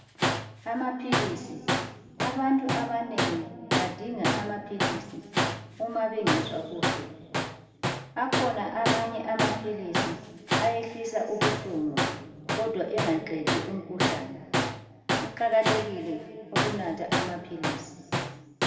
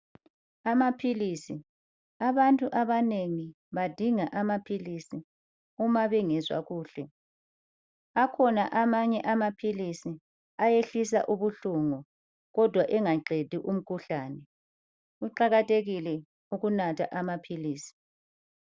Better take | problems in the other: second | background sound (Tools); 1 dB above the speech // room echo; dies away in 1.9 s

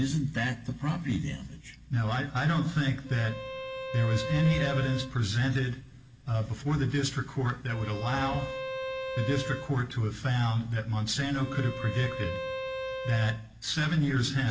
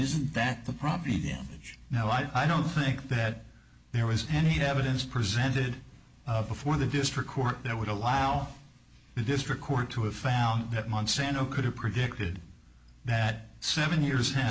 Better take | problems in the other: second | background sound (Bowed string instrument); 9 dB below the speech // room echo; dies away in 0.3 s

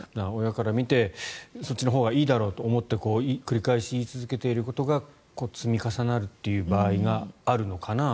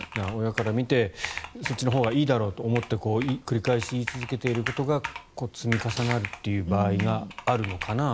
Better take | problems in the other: first | background sound (Computer keyboard + Snare drum); 12 dB below the speech

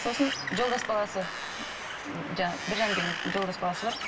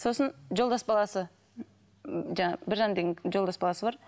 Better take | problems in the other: second | background sound (Wind); 4 dB below the speech // room echo; dies away in 2.2 s

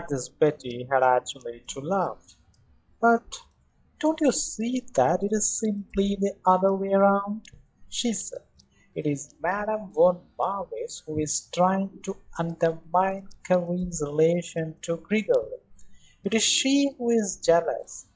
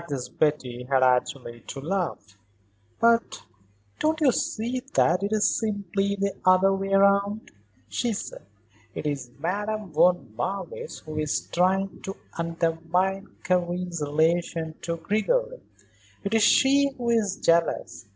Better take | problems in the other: second | noise reduction (classical method log-MMSE)

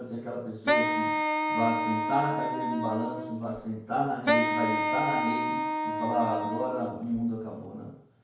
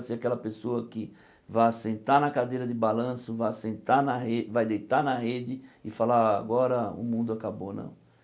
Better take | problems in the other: second | background sound (Wind instrument, woodwind instrument); 2 dB above the speech // room echo; dies away in 0.5 s

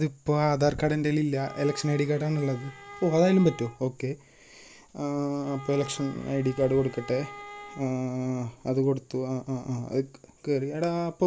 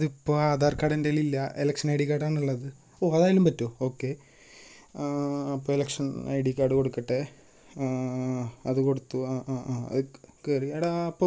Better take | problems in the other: second | background sound (Bowed string instrument); 18 dB below the speech

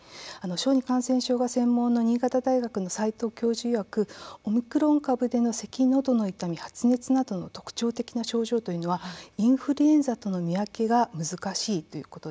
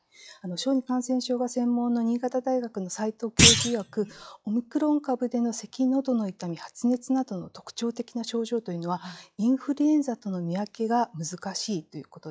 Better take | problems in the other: first | noise reduction (classical method log-MMSE)

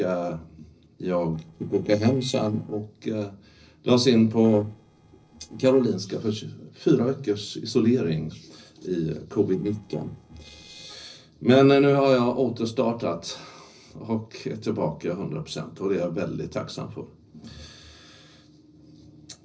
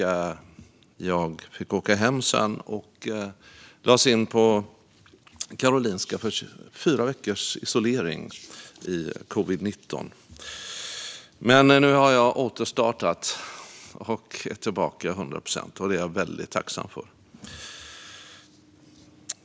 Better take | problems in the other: second | noise reduction (neural separator model SepFormer DNS4)

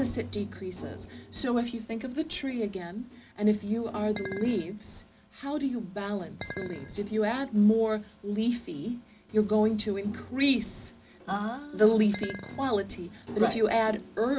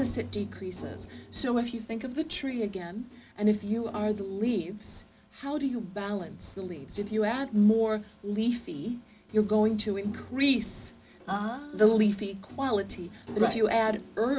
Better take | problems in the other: second | background sound (Chink, clink); 14 dB below the speech

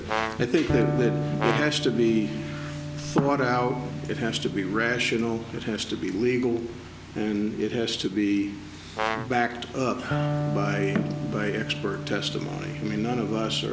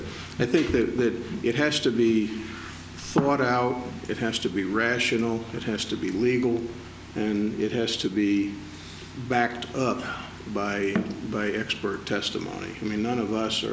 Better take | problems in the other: second | background sound (Brass instrument + Electric guitar); 5 dB below the speech

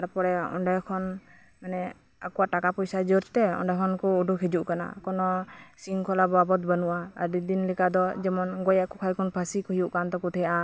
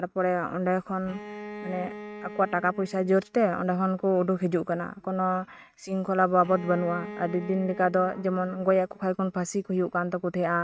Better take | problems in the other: first | noise reduction (neural mask model RNNoise)

